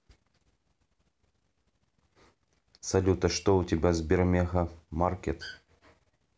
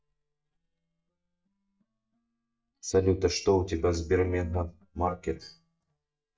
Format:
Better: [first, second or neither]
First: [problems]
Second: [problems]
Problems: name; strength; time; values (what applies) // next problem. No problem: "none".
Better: first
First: none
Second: noise reduction (neural mask model DeepFilterNet 3)